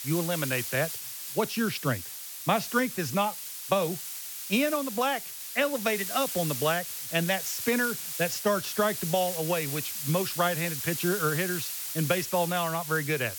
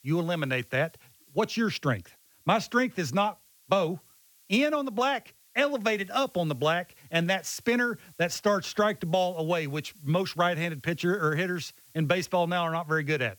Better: second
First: hiss; loud; throughout; 4 dB below the speech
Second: hiss; faint; throughout; 25 dB below the speech

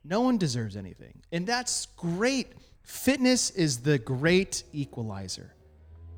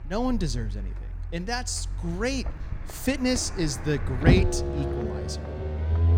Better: first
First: traffic noise; faint; throughout; 30 dB below the speech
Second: traffic noise; loud; throughout; 1 dB below the speech

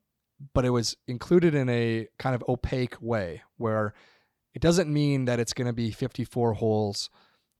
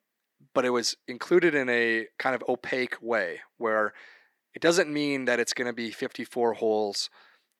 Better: first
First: none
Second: thin; somewhat; fading below 300 Hz

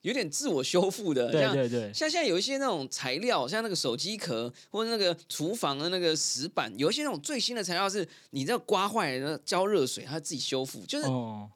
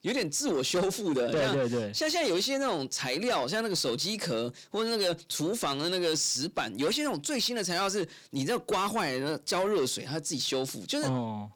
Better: first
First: none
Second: distortion; slight; 10 dB below the speech

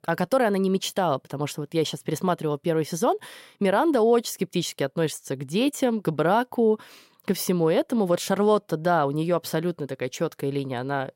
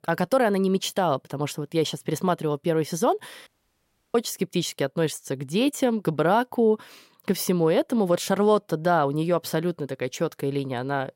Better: first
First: none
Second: audio cutting out; at 3.5 s for 0.5 s

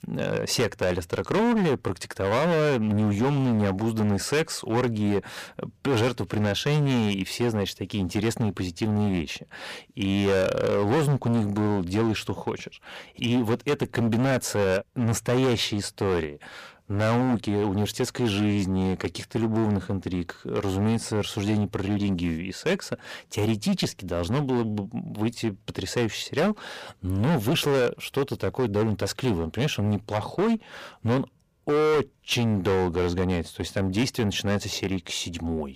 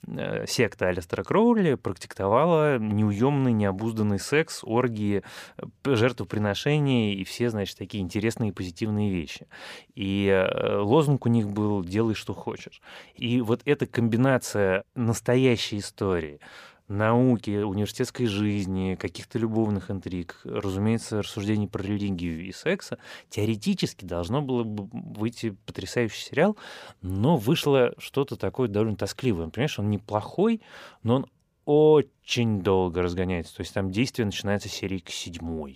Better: second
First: distortion; heavy; 13% of the sound clipped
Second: none

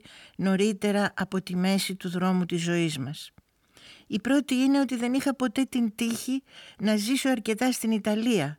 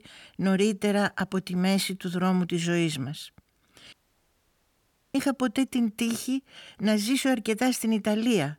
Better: first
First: none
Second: audio cutting out; at 4 s for 1 s

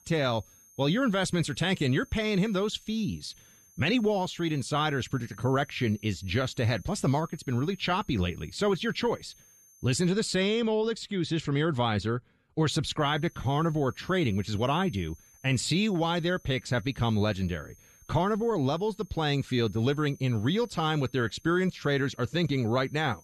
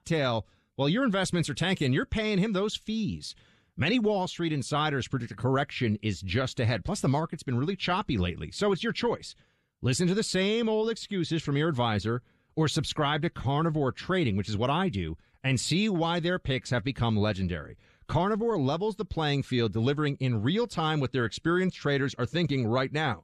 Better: second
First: high-pitched whine; faint; until 10 s and from 13 s on; 6.5 kHz, 25 dB below the speech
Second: none

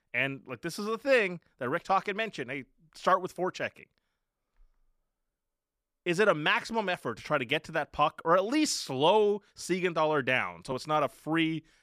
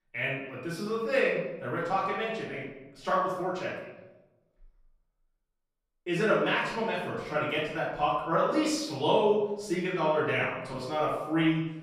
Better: first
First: none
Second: room echo; noticeable; dies away in 0.9 s // off-mic speech; far

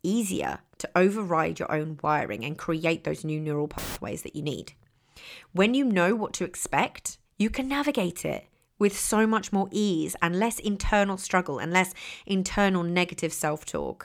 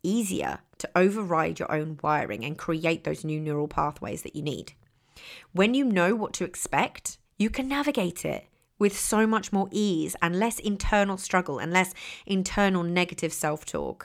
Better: second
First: audio cutting out; filled with static; at 4 s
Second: none

